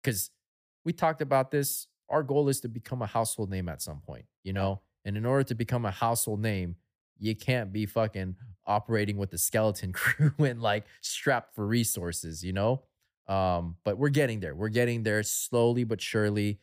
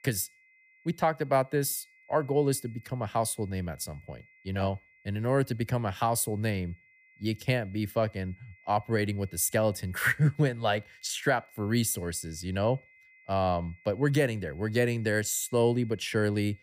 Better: first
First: none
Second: high-pitched whine; faint; throughout; 2 kHz, 30 dB below the speech

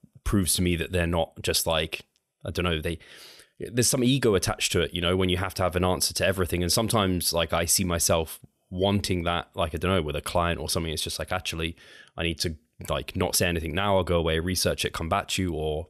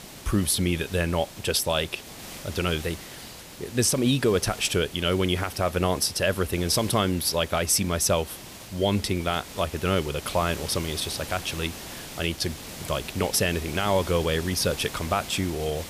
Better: first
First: none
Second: hiss; noticeable; throughout; 15 dB below the speech

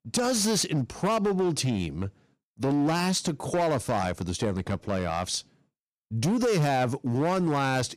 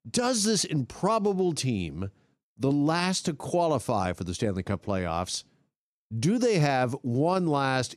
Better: second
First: distortion; slight; 13% of the sound clipped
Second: none

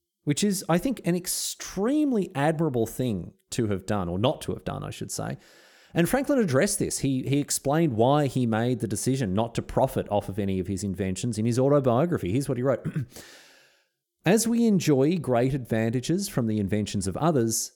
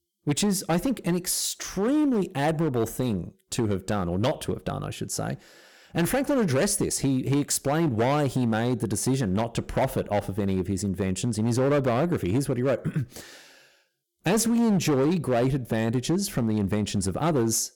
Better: first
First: none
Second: distortion; slight; 10% of the sound clipped

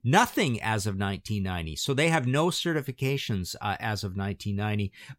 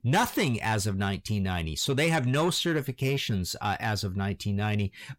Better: first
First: none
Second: distortion; slight; 10 dB below the speech

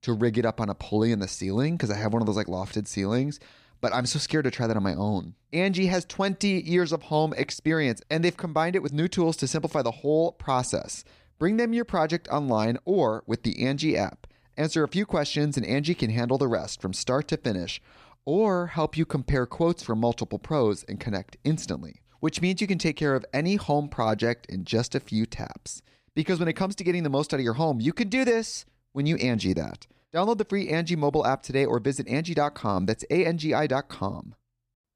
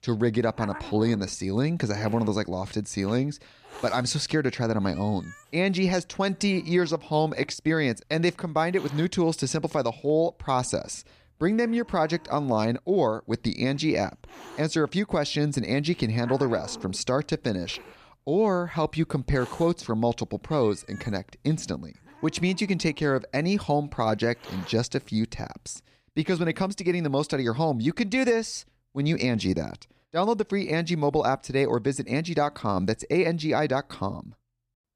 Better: first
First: none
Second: hiss; faint; until 26 s; 20 dB below the speech

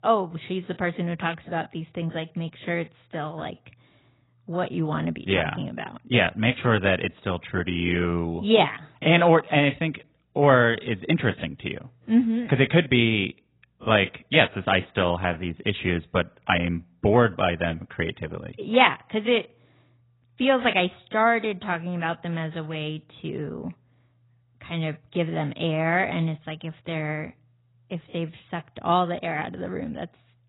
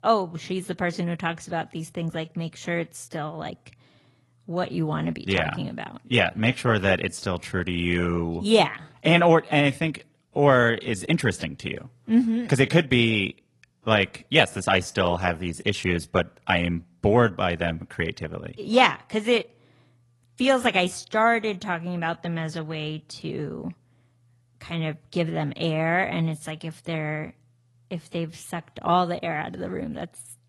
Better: second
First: garbled, watery; badly; nothing above 4 kHz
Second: garbled, watery; slightly; nothing above 11.5 kHz

